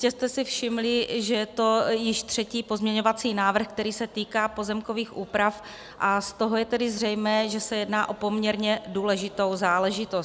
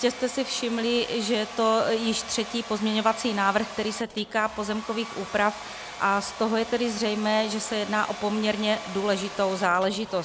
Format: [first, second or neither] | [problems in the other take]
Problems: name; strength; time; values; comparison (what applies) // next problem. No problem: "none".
first | background sound (Domestic sounds, home sounds); 13 dB below the speech